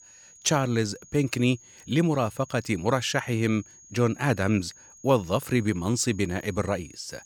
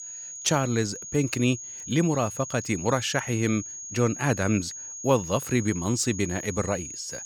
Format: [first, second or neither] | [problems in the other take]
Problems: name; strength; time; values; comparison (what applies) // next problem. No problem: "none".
first | high-pitched whine; loud; throughout; 6.5 kHz, 9 dB below the speech; faint in the first